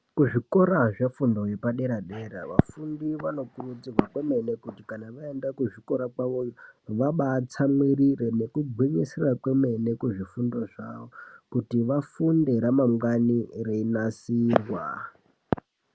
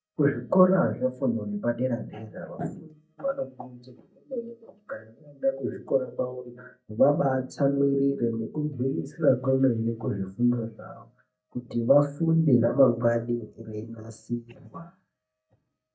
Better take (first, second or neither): first